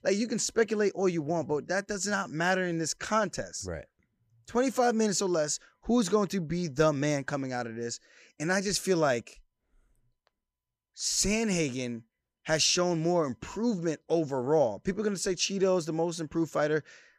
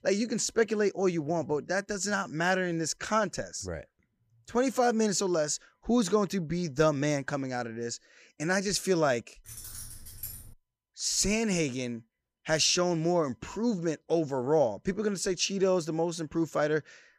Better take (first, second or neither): first